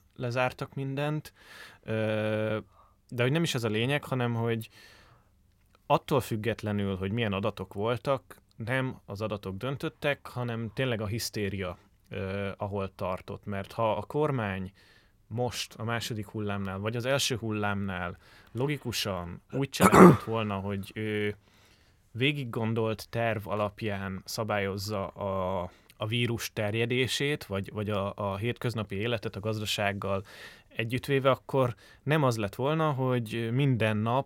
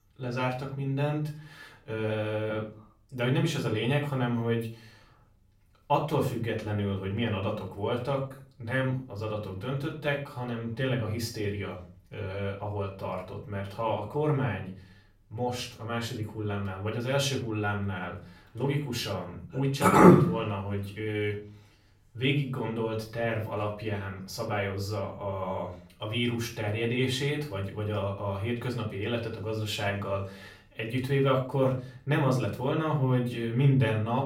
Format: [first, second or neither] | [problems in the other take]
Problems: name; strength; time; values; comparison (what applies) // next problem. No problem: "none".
first | off-mic speech; far // room echo; slight; dies away in 0.4 s